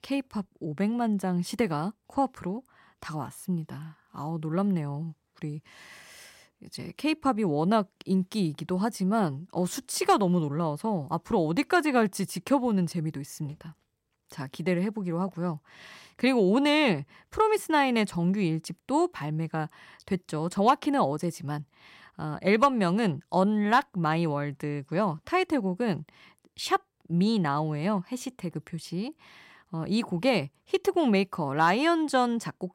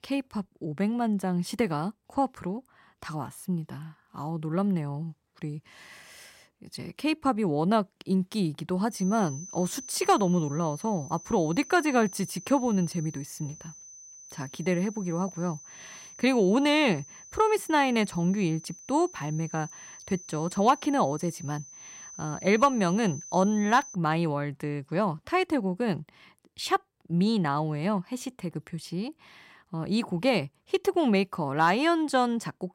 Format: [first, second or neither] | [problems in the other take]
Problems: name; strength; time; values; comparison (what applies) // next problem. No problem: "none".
first | high-pitched whine; noticeable; from 9 to 24 s; 6 kHz, 15 dB below the speech